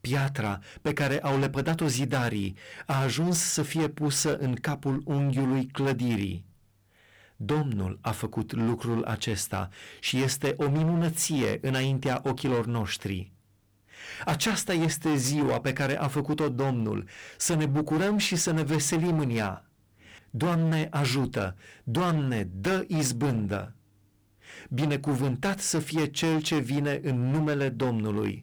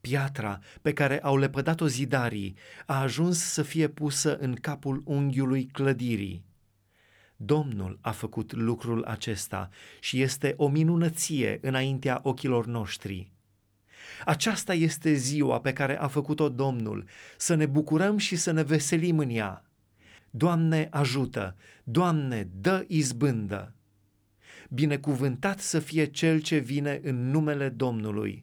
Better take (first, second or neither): second